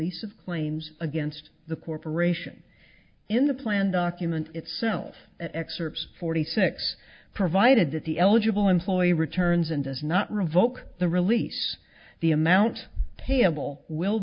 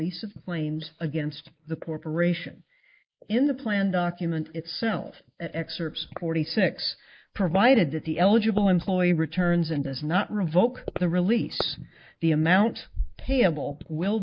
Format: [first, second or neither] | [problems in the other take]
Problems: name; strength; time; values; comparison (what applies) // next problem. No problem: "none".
first | noise reduction (neural mask model Resemble Enhance denoiser)